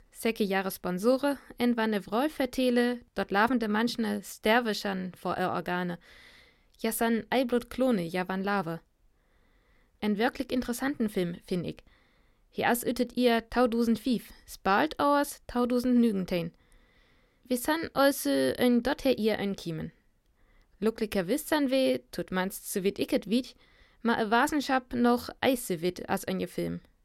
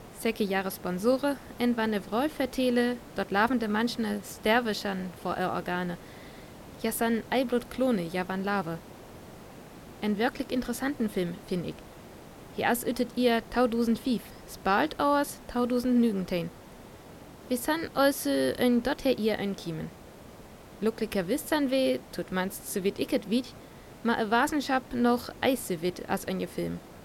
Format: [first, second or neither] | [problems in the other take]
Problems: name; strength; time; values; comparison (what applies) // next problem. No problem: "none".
first | hiss; noticeable; throughout; 20 dB below the speech